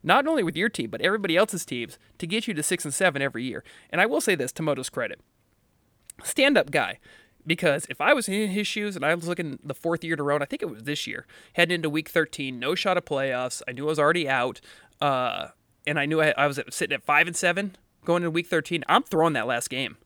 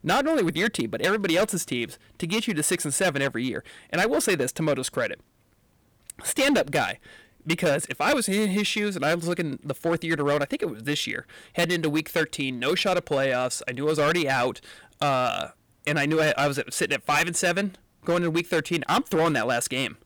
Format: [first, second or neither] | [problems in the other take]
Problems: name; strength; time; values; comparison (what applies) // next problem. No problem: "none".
first | distortion; heavy; 9% of the sound clipped